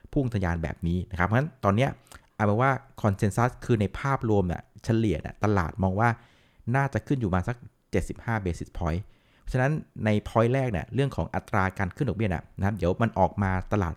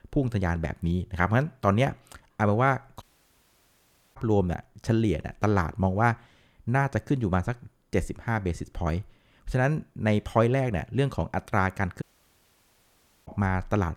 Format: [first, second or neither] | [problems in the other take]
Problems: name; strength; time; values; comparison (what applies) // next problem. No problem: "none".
first | audio cutting out; at 3 s for 1 s and at 12 s for 1.5 s